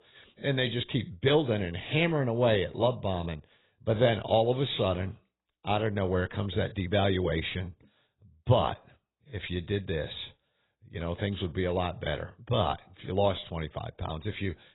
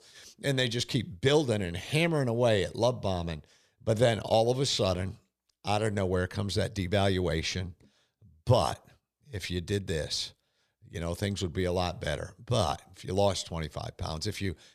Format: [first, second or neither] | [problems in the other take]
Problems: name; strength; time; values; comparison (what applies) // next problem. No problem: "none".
second | garbled, watery; badly; nothing above 4 kHz